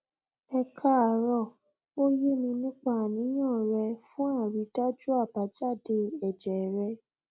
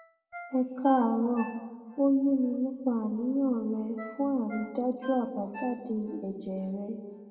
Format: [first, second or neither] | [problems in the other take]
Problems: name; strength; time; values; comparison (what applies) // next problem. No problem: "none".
first | background sound (Ringtone); 19 dB below the speech // room echo; dies away in 1.7 s